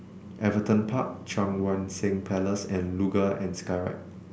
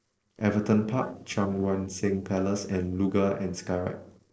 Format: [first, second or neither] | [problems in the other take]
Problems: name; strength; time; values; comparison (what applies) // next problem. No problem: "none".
first | noise reduction (neural separator model SepFormer DNS4)